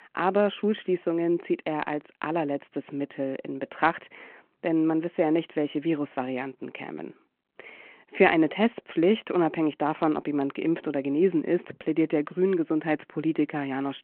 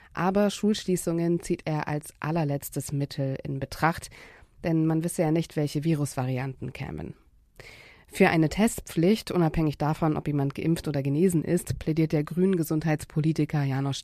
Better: second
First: phone-call audio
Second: none

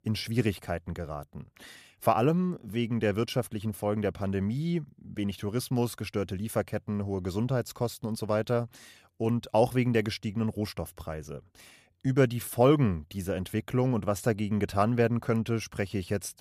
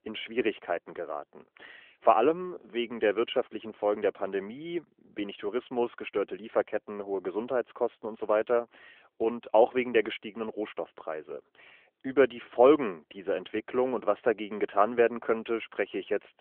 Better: first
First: none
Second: phone-call audio; nothing above 3 kHz

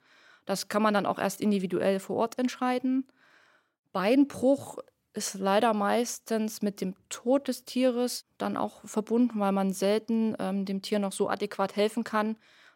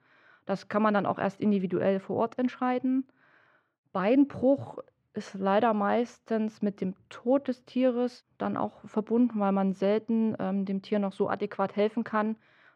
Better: first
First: none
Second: muffled; very; fading above 2.5 kHz

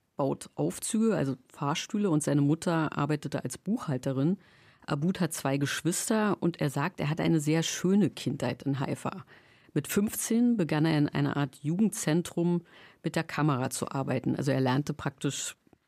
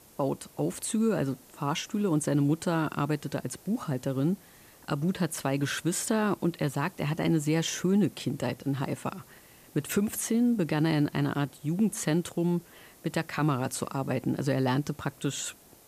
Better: first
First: none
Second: hiss; faint; throughout; 25 dB below the speech

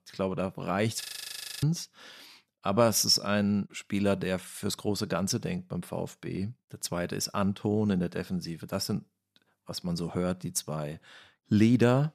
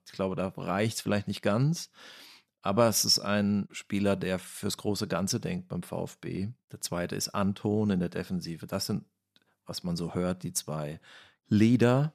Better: second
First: audio freezing; at 1 s for 0.5 s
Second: none

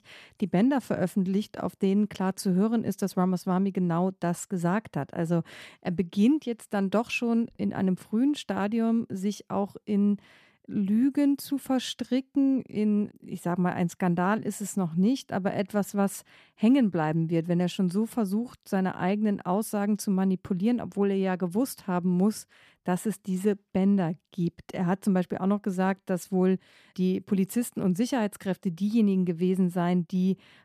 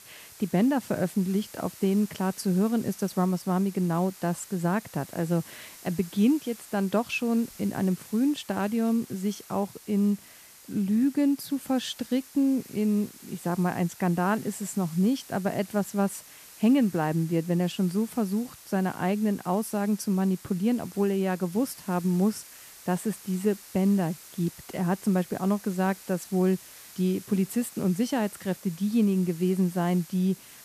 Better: first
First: none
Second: hiss; noticeable; throughout; 20 dB below the speech

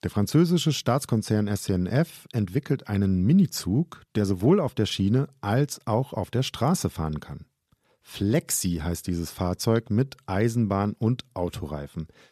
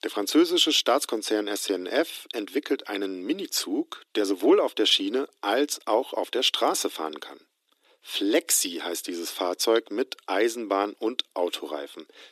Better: first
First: none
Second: thin; somewhat; fading below 300 Hz

